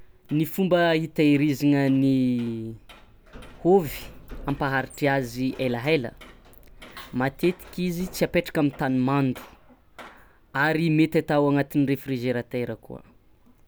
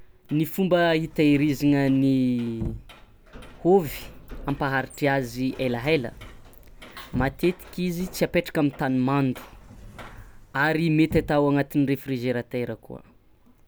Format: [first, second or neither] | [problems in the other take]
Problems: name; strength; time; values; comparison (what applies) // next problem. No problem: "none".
first | background sound (Sliding door / Slam / Wood); 16 dB below the speech